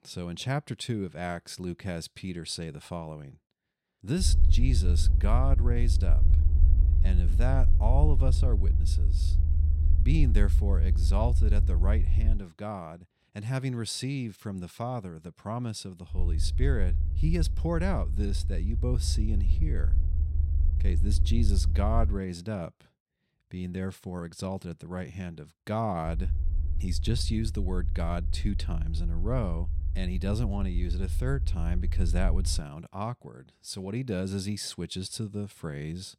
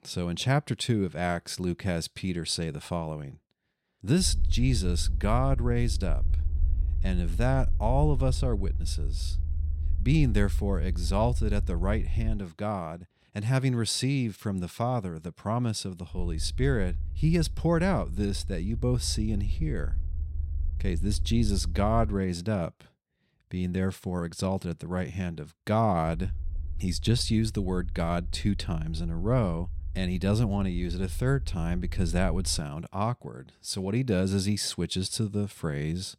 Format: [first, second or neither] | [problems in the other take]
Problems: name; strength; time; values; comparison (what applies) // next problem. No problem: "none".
second | low rumble; loud; from 4 to 12 s, from 16 to 22 s and from 26 to 33 s; 10 dB below the speech; faint in the second